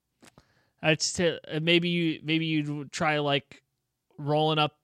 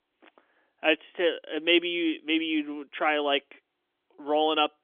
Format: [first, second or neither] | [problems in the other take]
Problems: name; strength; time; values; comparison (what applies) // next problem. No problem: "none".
first | phone-call audio; nothing above 3.5 kHz